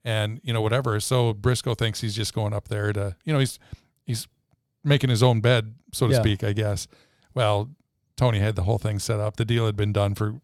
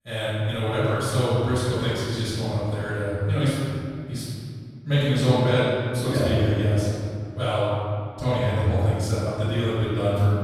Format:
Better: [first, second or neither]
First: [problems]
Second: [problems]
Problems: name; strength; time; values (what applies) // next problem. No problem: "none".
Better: first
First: none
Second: off-mic speech; far // room echo; strong; dies away in 2.1 s